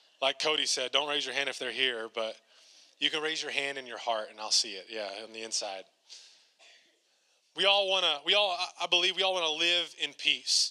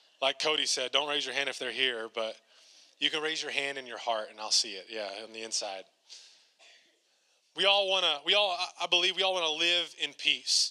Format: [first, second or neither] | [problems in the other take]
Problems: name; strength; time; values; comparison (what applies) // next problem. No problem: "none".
neither | thin; very; fading below 450 Hz; the same in both